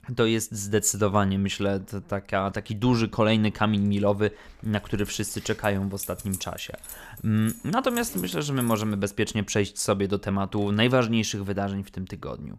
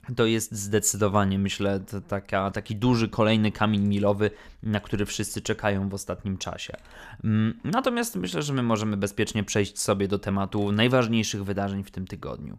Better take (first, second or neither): second